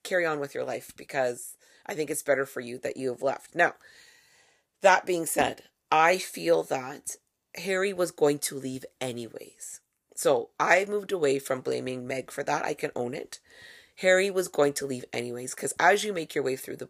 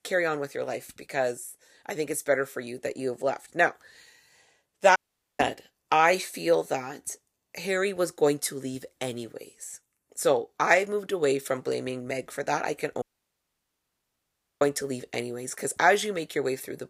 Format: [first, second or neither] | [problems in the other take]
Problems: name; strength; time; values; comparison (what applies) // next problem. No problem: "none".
first | audio cutting out; at 5 s and at 13 s for 1.5 s